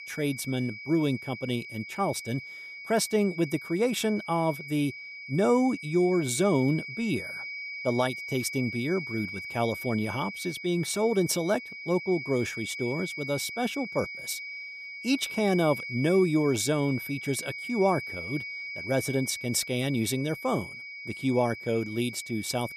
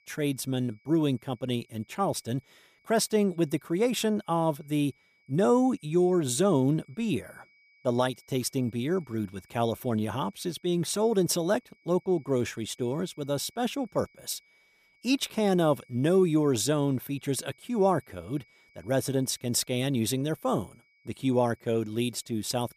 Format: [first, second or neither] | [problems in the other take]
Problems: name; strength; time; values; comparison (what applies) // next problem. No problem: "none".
second | high-pitched whine; loud; throughout; 2.5 kHz, 9 dB below the speech; faint in the second